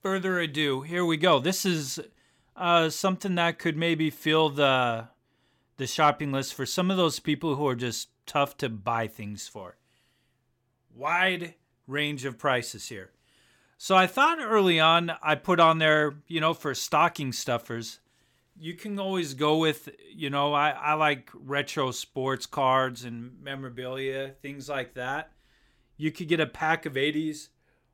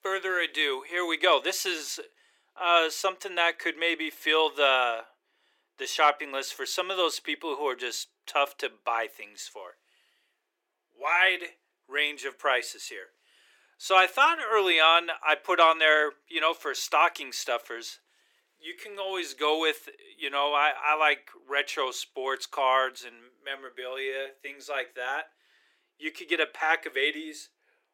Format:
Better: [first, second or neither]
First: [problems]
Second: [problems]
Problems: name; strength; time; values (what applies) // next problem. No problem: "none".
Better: first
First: none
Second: thin; very; fading below 350 Hz